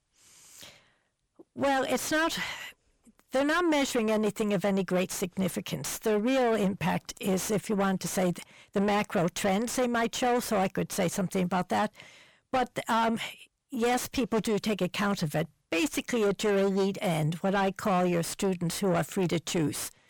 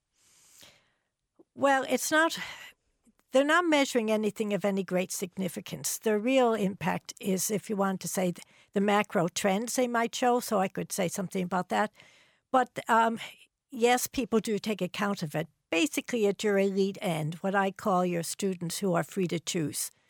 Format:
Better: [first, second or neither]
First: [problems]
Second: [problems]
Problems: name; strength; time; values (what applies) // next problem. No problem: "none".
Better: second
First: distortion; heavy; 7 dB below the speech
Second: none